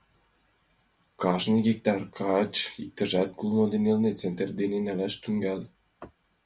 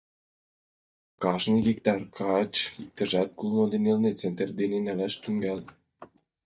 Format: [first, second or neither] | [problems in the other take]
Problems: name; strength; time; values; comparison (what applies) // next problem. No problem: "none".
first | noise reduction (neural mask model DeepFilterNet 3)